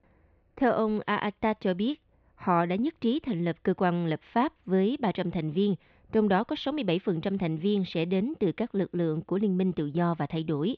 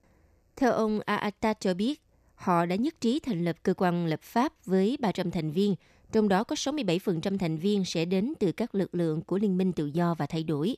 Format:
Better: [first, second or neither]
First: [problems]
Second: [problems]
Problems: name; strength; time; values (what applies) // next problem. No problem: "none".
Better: second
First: muffled; slightly; fading above 3.5 kHz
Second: none